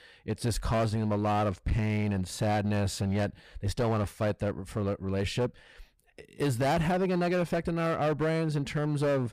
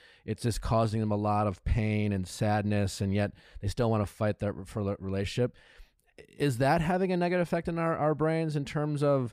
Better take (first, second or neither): second